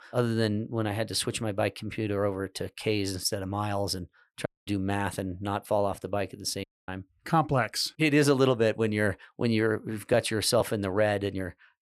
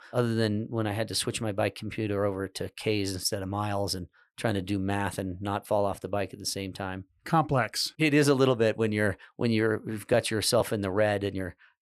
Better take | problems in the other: second | audio cutting out; at 4.5 s and at 6.5 s

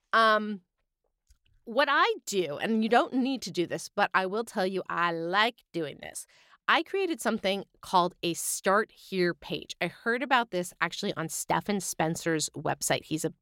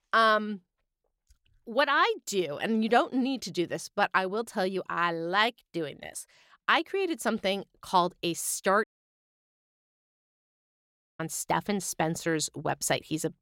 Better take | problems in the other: first | audio cutting out; at 9 s for 2.5 s

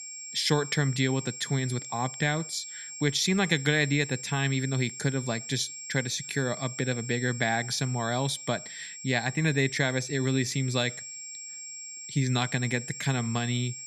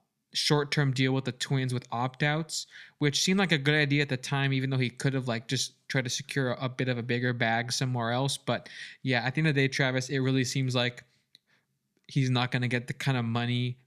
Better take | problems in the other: second | high-pitched whine; loud; throughout; 7.5 kHz, 10 dB below the speech

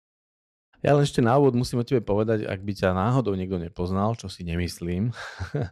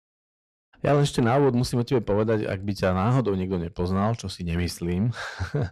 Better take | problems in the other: first | distortion; slight; 10 dB below the speech

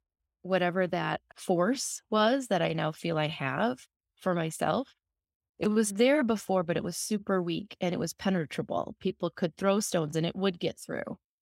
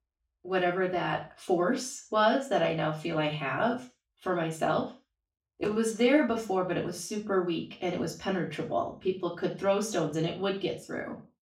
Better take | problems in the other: first | room echo; slight; dies away in 0.4 s // off-mic speech; far

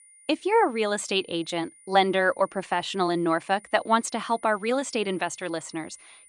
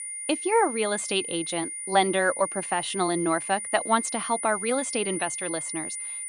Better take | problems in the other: first | high-pitched whine; loud; throughout; 9.5 kHz, 5 dB below the speech; faint in the first

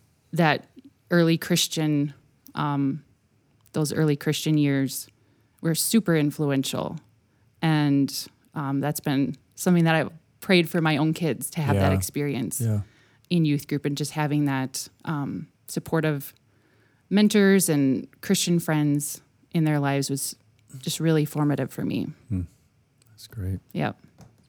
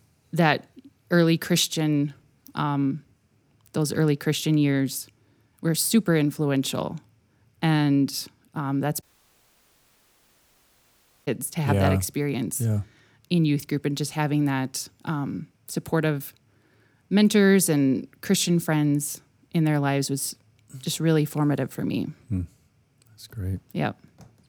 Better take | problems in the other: first | audio cutting out; at 9 s for 2.5 s

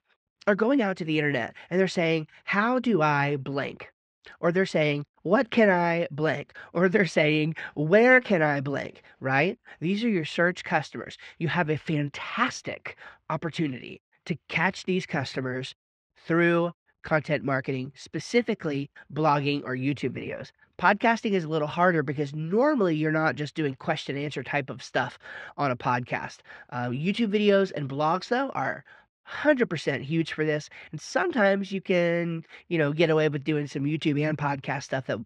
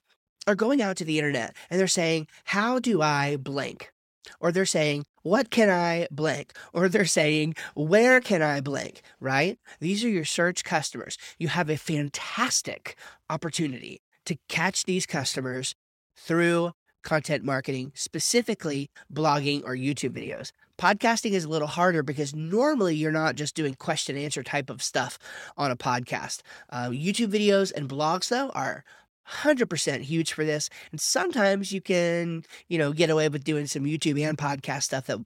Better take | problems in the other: second | muffled; slightly; fading above 2.5 kHz

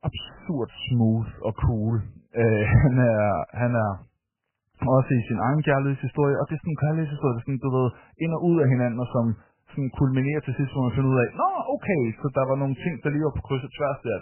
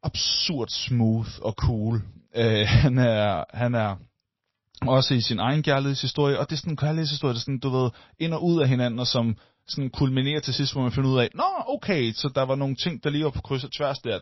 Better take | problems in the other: second | garbled, watery; badly; nothing above 3 kHz; slightly in the second

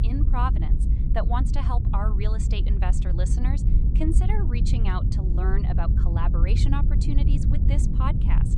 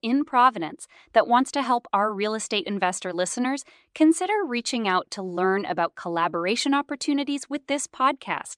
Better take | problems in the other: second | low rumble; loud; throughout; 5 dB below the speech

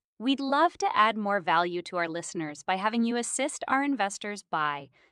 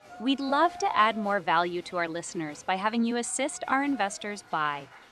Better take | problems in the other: first | crowd noise; noticeable; throughout; 20 dB below the speech

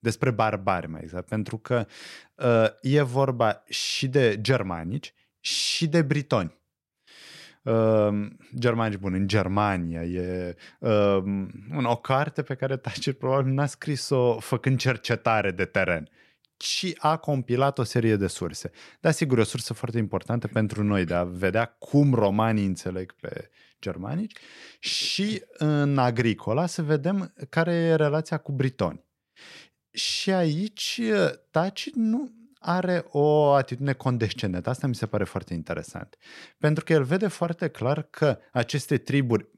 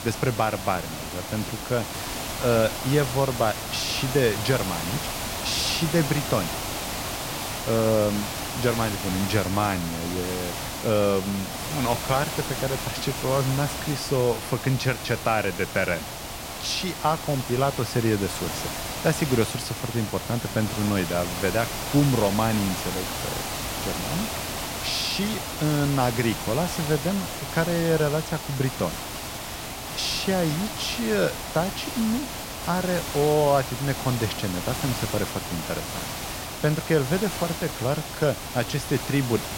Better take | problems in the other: first | hiss; loud; throughout; 5 dB below the speech

